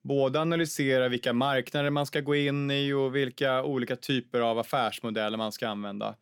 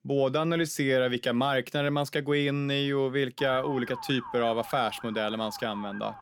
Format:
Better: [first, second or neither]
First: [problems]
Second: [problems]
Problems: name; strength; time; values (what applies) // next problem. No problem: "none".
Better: first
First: none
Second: siren; faint; from 3.5 s on; peak 10 dB below the speech